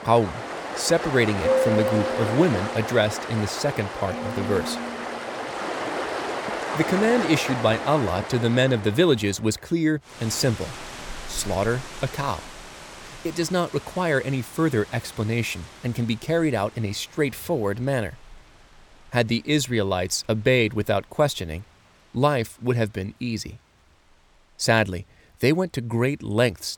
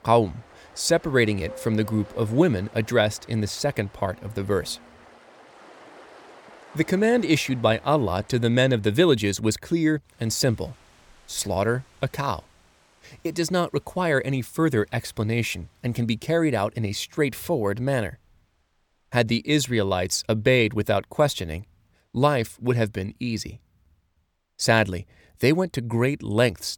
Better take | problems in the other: second | rain or running water; loud; throughout; 6 dB below the speech; faint in the second

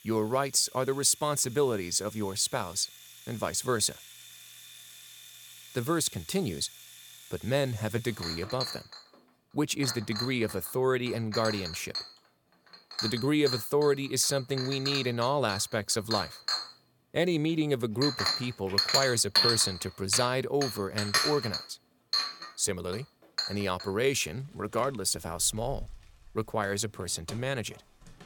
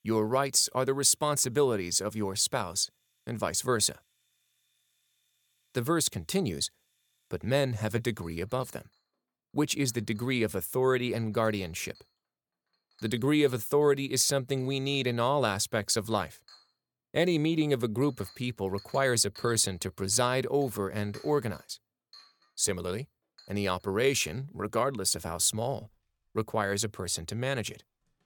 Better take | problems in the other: second | household noises; loud; throughout; 2 dB below the speech; faint in the second

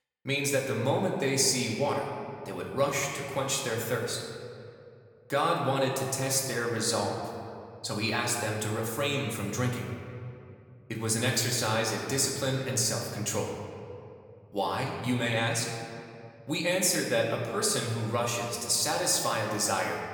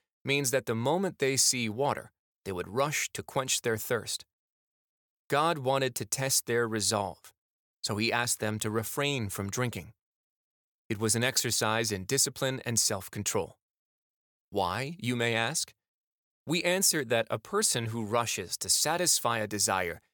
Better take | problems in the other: second | room echo; noticeable; dies away in 2 s // off-mic speech; far

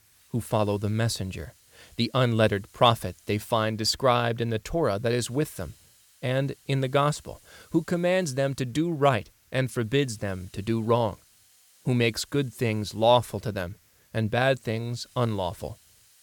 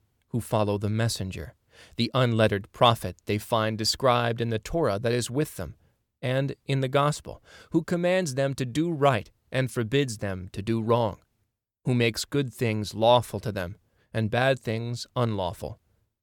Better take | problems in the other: second | hiss; faint; throughout; 30 dB below the speech

